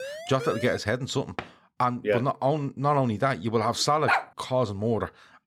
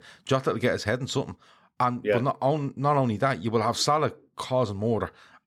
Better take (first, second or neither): second